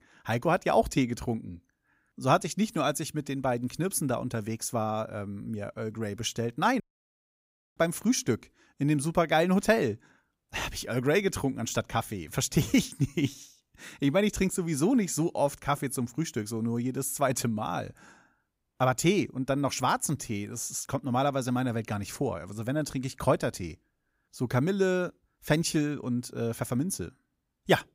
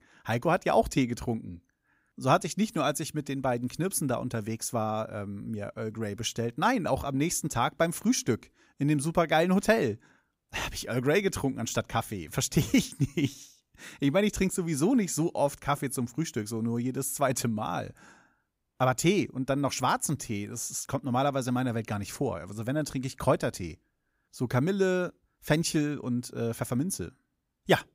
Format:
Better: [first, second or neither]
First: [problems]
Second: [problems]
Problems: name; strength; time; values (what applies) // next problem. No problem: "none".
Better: second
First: audio cutting out; at 7 s for 1 s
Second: none